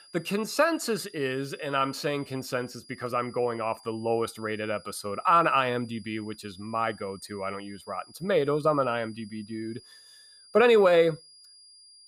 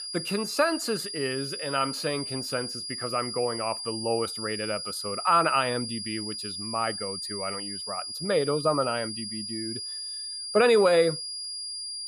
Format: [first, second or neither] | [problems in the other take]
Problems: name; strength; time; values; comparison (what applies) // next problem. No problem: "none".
first | high-pitched whine; loud; throughout; 5 kHz, 5 dB below the speech; faint in the first